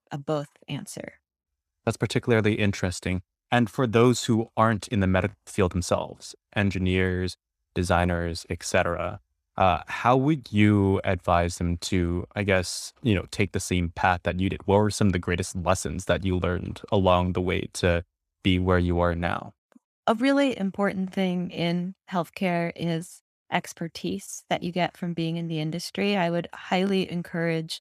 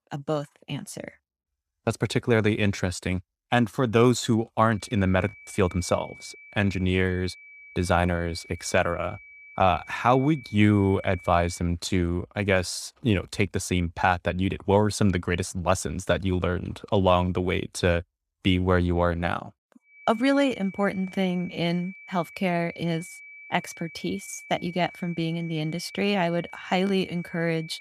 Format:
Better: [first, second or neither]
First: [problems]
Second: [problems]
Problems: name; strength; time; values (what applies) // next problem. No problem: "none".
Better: first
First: none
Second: high-pitched whine; noticeable; from 5 to 12 s and from 20 s on; 2.5 kHz, 20 dB below the speech